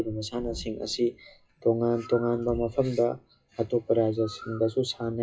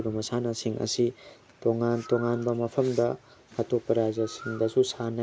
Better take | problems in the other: second | noise reduction (classical method WPE with log-MMSE)

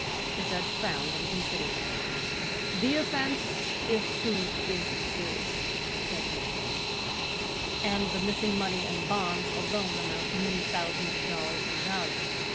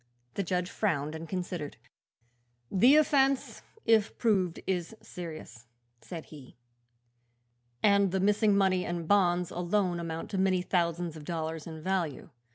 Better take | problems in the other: second | background sound (Fixed-wing aircraft, airplane); 4 dB above the speech

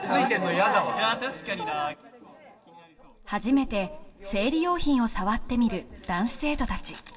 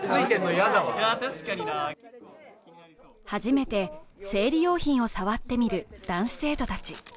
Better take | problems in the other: second | room echo; dies away in 0.6 s

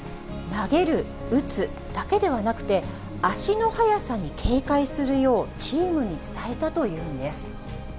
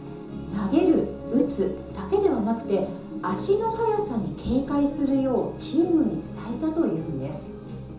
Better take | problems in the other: first | background sound (Cowbell); 15 dB below the speech // room echo; dies away in 0.6 s

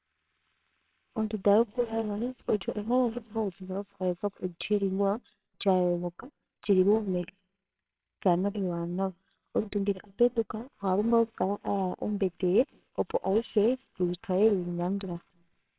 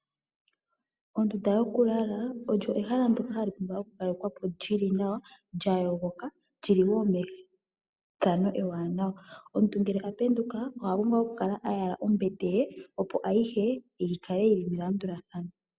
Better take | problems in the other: second | noise reduction (neural separator model SepFormer WHAMR!)

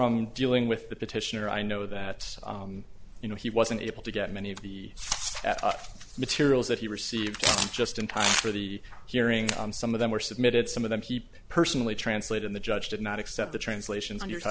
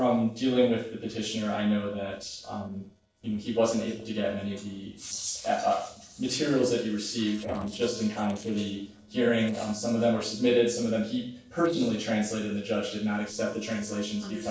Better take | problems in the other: first | noise reduction (neural separator model SepFormer DNS4)

